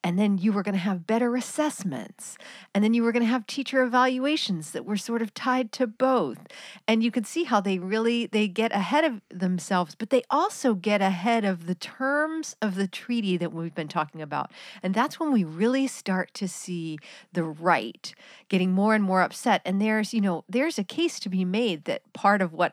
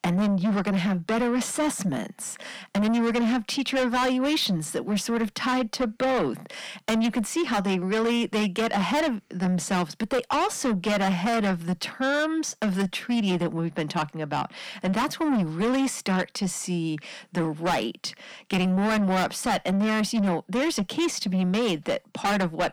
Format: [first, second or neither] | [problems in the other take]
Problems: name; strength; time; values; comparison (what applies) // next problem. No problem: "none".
first | distortion; heavy; 7 dB below the speech